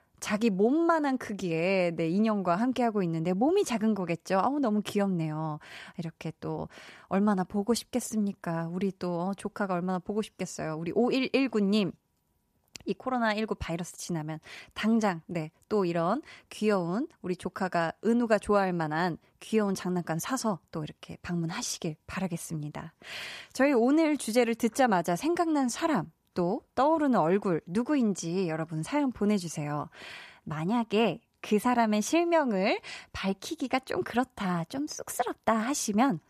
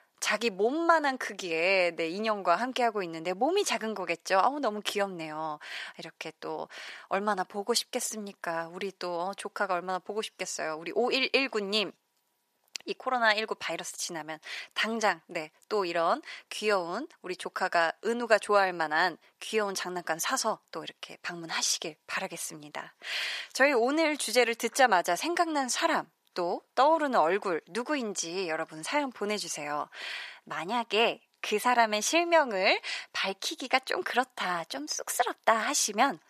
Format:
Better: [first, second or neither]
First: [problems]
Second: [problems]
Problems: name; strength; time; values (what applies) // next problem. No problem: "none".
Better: first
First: none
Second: thin; somewhat; fading below 500 Hz